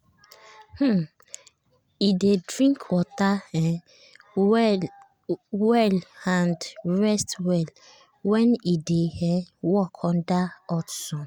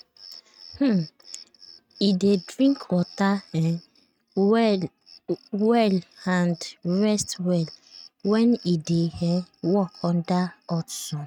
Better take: first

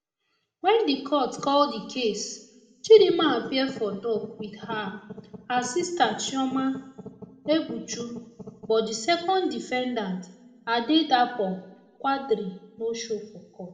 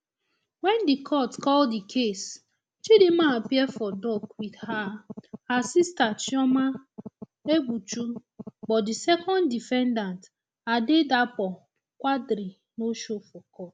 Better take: second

